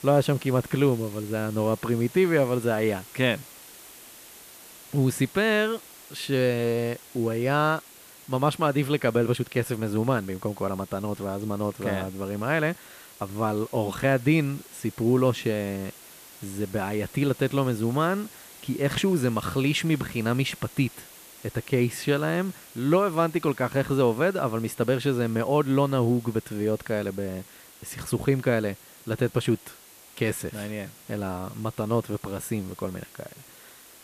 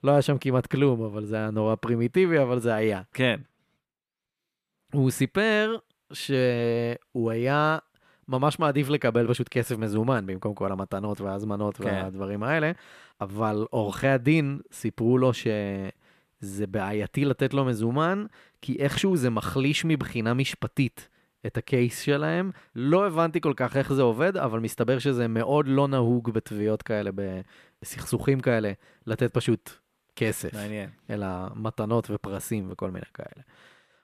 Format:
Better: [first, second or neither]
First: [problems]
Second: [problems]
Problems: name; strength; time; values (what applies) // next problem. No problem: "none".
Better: second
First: hiss; noticeable; throughout; 20 dB below the speech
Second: none